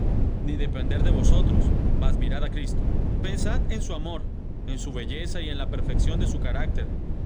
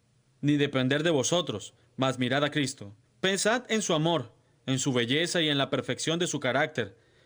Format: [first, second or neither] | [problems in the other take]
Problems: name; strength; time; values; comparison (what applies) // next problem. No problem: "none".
second | wind noise on the microphone; heavy; 1 dB below the speech